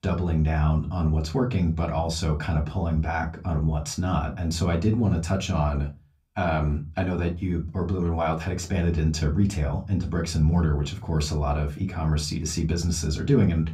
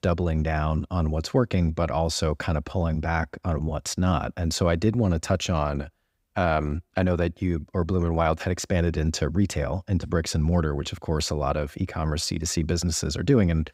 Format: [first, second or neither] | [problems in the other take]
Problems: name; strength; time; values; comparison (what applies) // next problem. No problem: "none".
second | off-mic speech; somewhat distant // room echo; very slight; dies away in 0.3 s